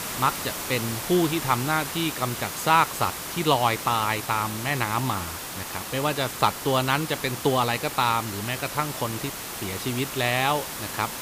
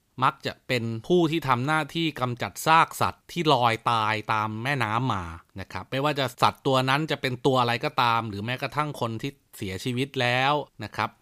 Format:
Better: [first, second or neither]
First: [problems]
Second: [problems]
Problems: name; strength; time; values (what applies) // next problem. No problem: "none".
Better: second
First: hiss; loud; throughout; 6 dB below the speech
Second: none